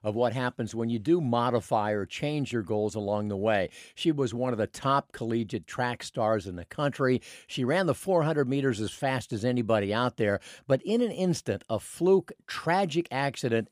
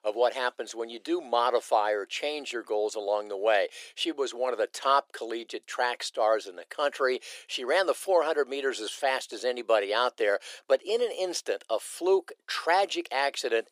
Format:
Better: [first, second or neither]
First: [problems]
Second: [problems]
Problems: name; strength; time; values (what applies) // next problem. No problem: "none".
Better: first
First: none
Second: thin; very; fading below 400 Hz